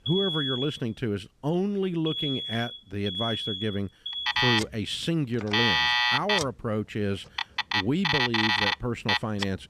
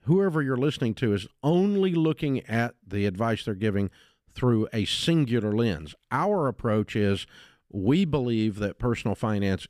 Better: second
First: alarms or sirens; very loud; throughout; 4 dB above the speech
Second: none

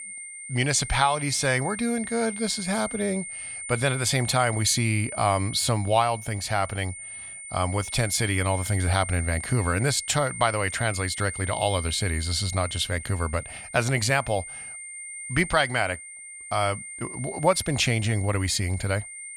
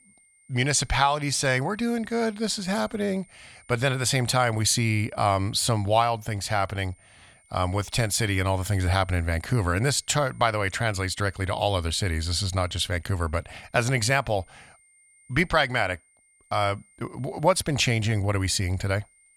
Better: second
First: high-pitched whine; loud; throughout; 2 kHz, 10 dB below the speech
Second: high-pitched whine; faint; throughout; 2 kHz, 30 dB below the speech

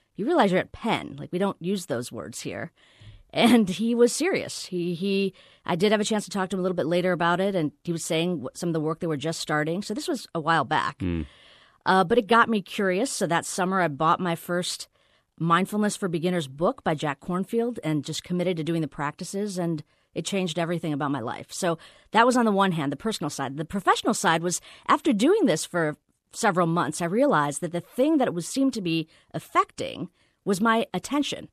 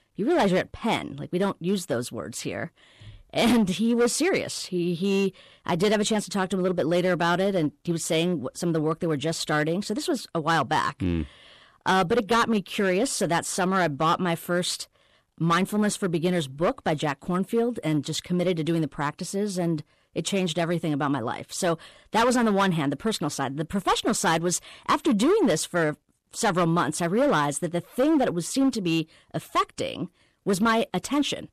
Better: first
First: none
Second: distortion; slight; 6% of the sound clipped

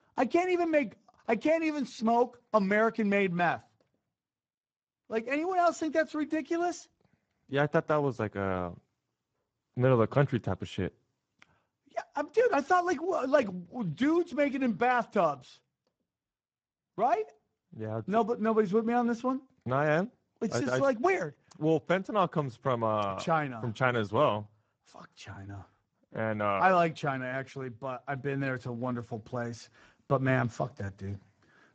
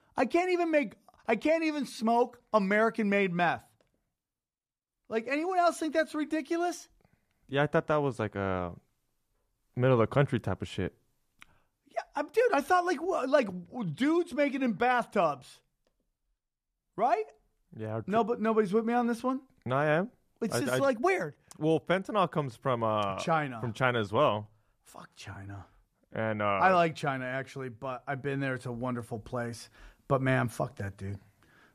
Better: second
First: garbled, watery; badly; nothing above 7.5 kHz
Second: none

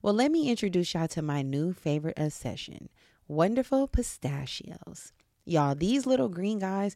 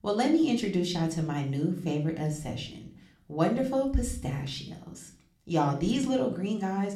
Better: first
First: none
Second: room echo; very slight; dies away in 0.4 s // off-mic speech; somewhat distant

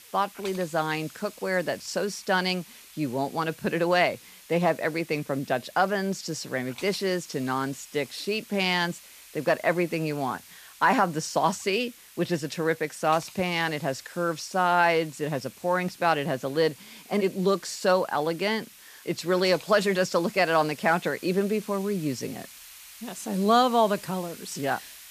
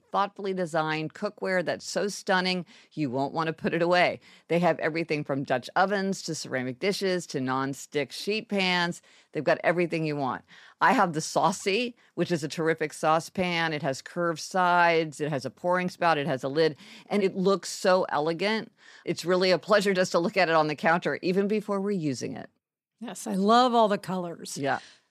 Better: second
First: hiss; noticeable; throughout; 20 dB below the speech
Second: none

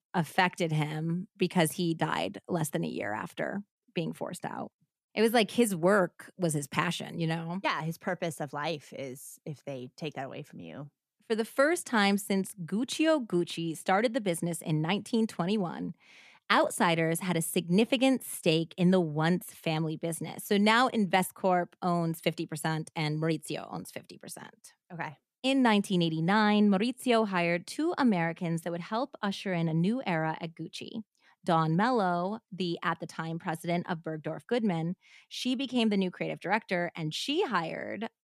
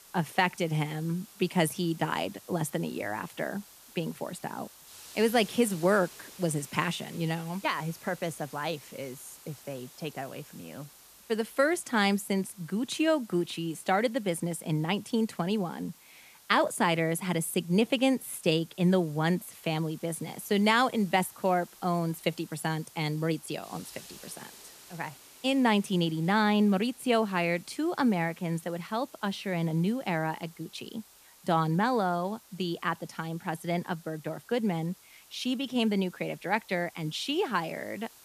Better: first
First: none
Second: hiss; faint; throughout; 20 dB below the speech

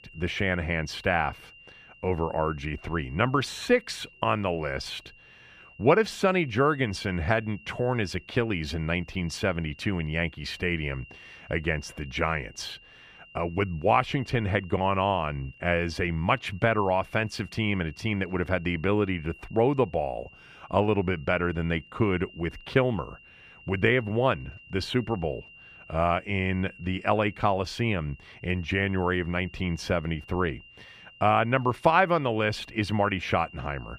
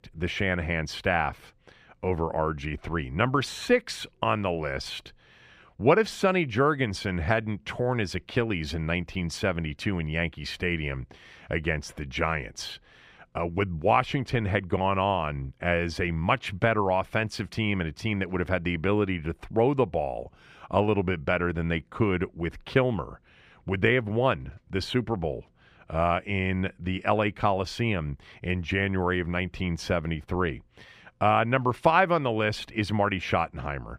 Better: second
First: high-pitched whine; faint; throughout; 3 kHz, 20 dB below the speech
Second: none

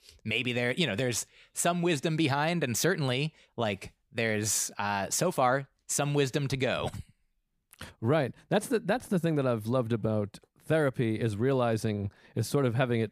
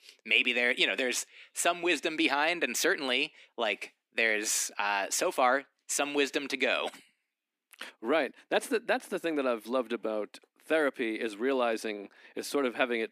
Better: first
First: none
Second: thin; somewhat; fading below 250 Hz

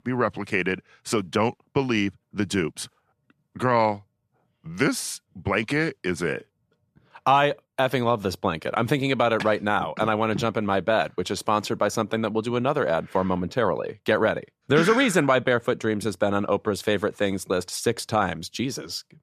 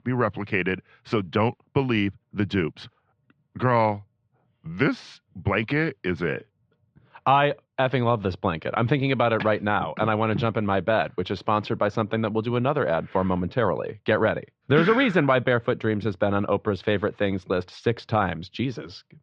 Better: first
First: none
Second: muffled; slightly; fading above 3.5 kHz

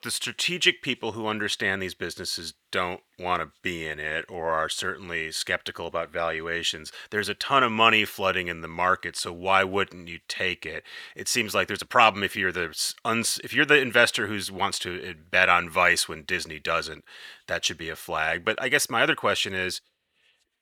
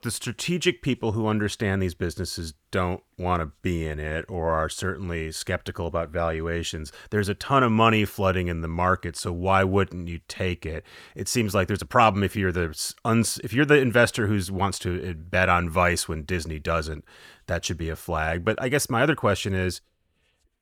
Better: second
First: thin; somewhat; fading below 550 Hz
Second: none

